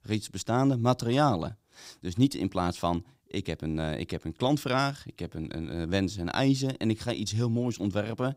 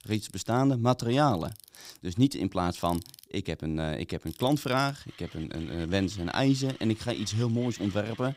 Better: first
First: none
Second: machinery noise; faint; throughout; 20 dB below the speech

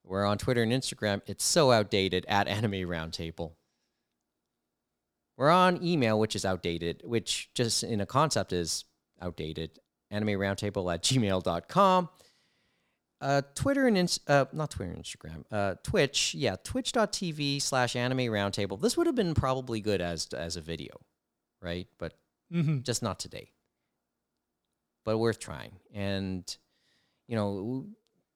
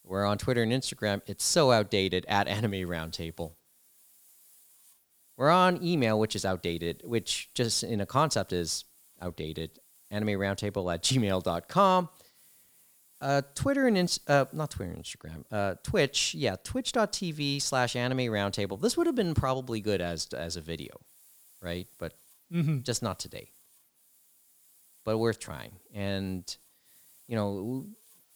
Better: first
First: none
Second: hiss; faint; throughout; 30 dB below the speech

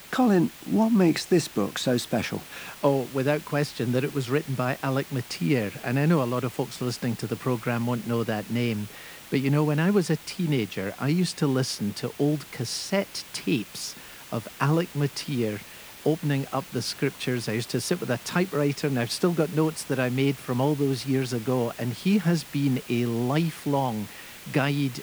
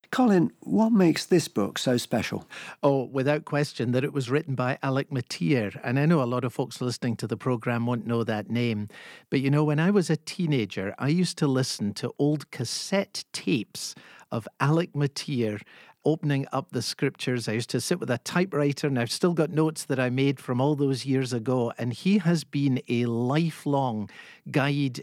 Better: second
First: hiss; noticeable; throughout; 15 dB below the speech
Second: none

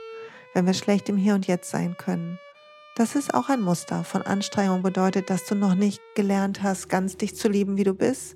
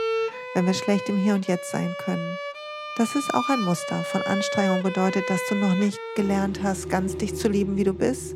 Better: first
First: background music; faint; throughout; 20 dB below the speech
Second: background music; loud; throughout; 6 dB below the speech

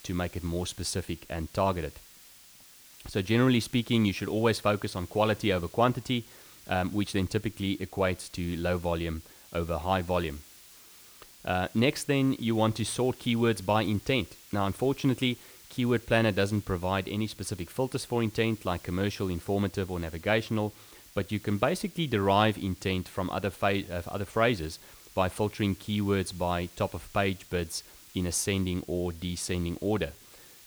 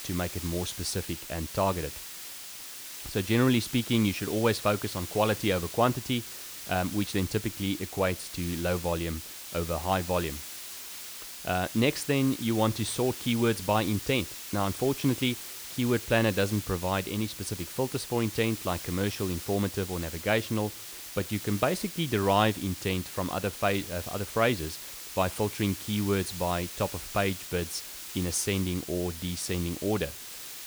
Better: first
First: hiss; faint; throughout; 20 dB below the speech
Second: hiss; loud; throughout; 9 dB below the speech

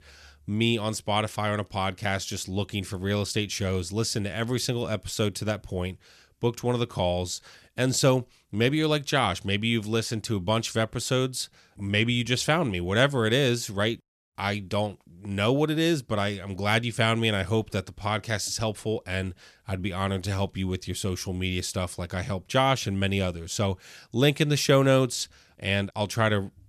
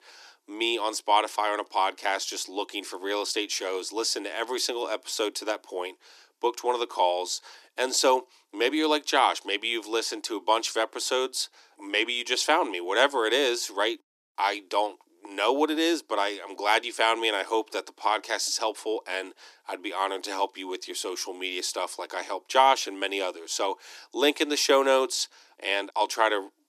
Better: first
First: none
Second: thin; very; fading below 300 Hz

